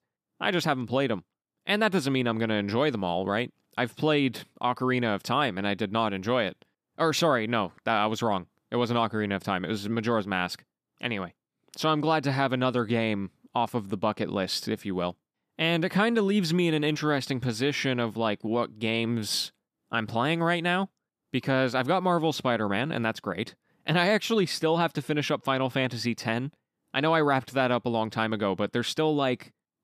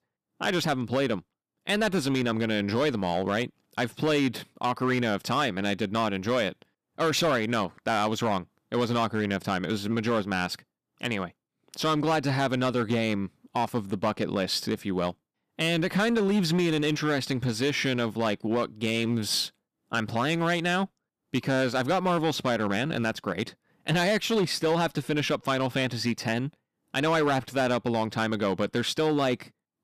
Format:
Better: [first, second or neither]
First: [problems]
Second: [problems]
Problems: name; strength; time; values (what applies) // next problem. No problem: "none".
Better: first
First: none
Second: distortion; slight; 7% of the sound clipped